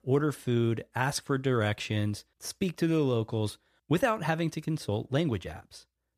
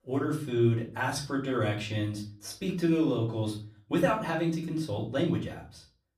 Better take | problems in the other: first | off-mic speech; far // room echo; slight; dies away in 0.3 s

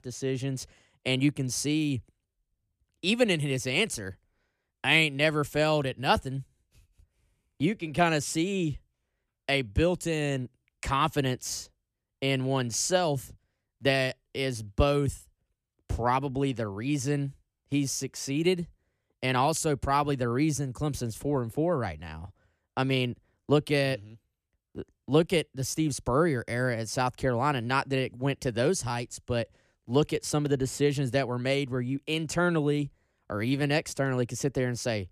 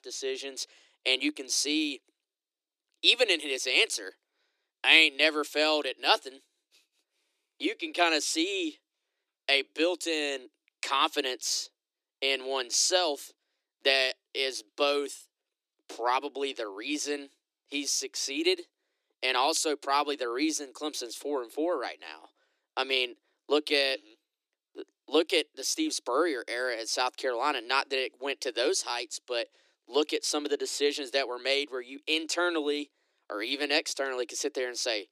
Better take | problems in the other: first | thin; somewhat; fading below 300 Hz

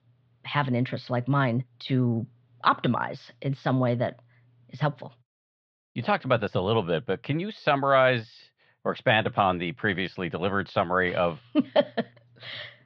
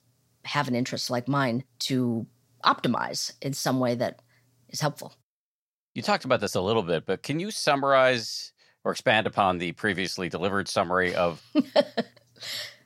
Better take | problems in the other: second | muffled; very; fading above 3.5 kHz

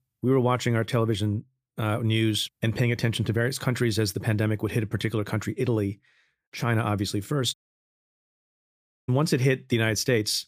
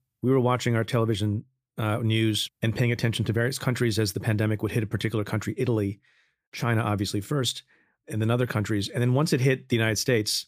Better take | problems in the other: second | audio cutting out; at 7.5 s for 1.5 s

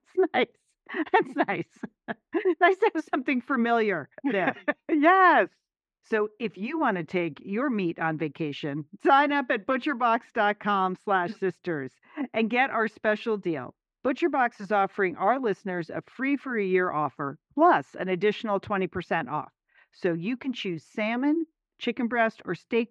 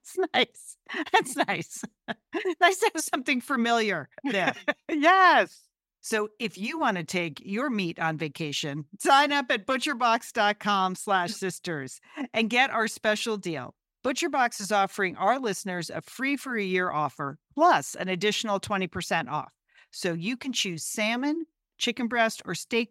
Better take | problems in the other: second | muffled; very; fading above 2 kHz

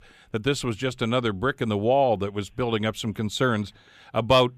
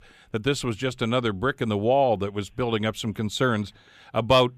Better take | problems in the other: neither | none

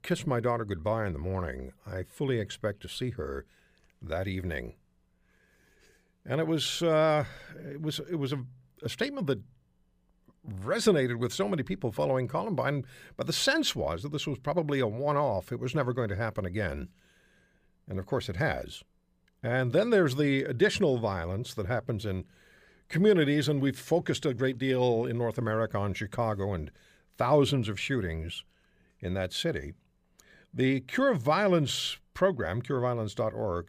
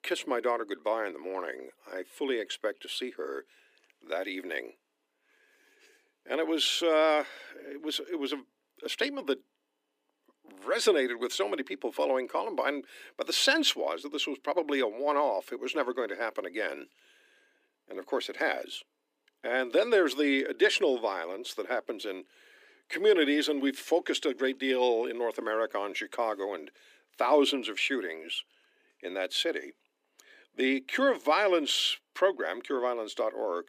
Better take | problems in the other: first | thin; very slightly; fading below 250 Hz

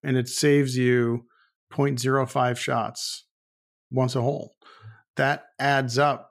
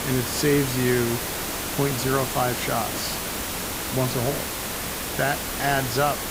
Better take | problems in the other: first | hiss; loud; throughout; 2 dB below the speech

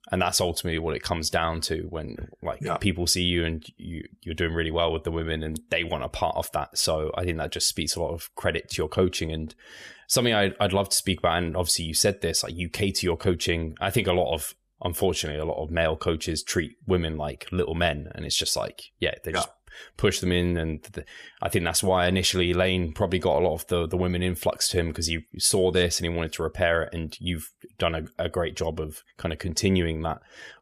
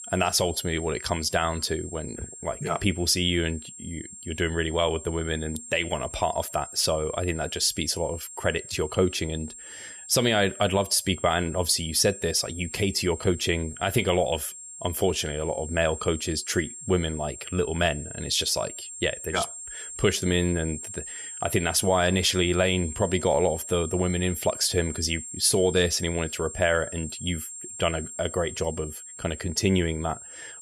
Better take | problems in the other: first | high-pitched whine; noticeable; throughout; 7.5 kHz, 10 dB below the speech

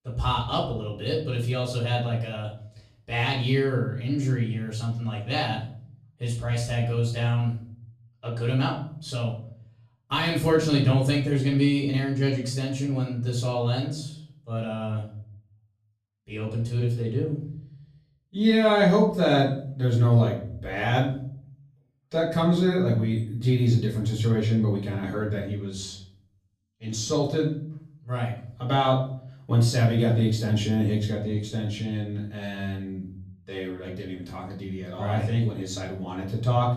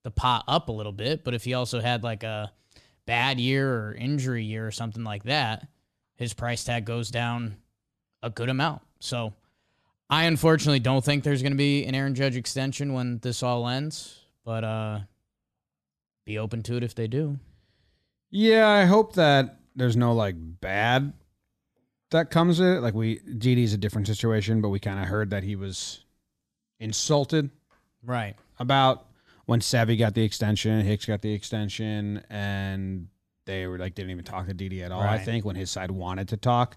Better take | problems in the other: second | off-mic speech; far // room echo; slight; dies away in 0.6 s

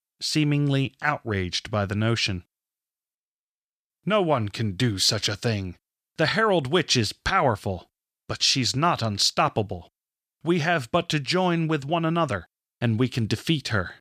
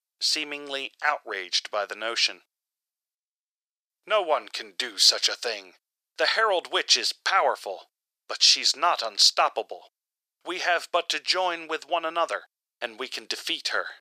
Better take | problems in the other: first | thin; very; fading below 500 Hz

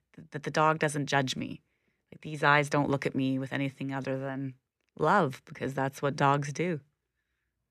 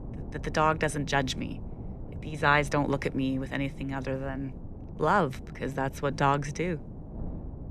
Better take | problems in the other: first | wind noise on the microphone; occasional gusts; 20 dB below the speech

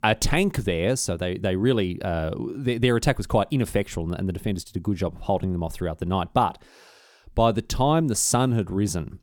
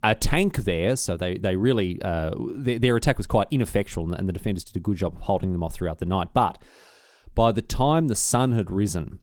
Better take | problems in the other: first | garbled, watery; slightly; nothing above 18 kHz

